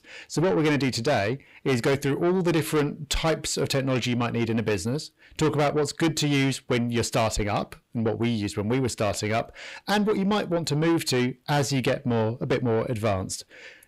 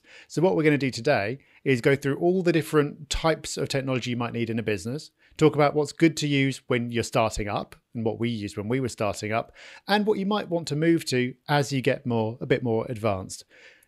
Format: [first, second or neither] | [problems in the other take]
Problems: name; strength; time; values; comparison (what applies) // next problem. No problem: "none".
second | distortion; heavy; 8 dB below the speech